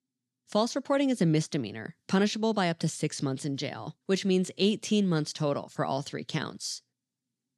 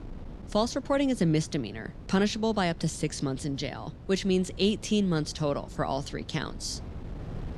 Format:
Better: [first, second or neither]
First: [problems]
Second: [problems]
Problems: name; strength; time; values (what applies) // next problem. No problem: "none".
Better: first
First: none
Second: wind noise on the microphone; occasional gusts; 20 dB below the speech